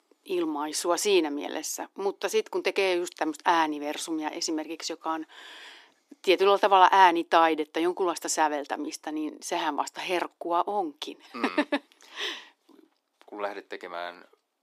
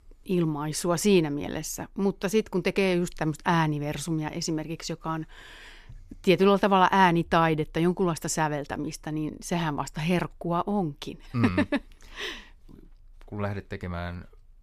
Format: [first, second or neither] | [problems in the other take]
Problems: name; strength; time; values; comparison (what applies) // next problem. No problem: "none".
second | thin; very; fading below 300 Hz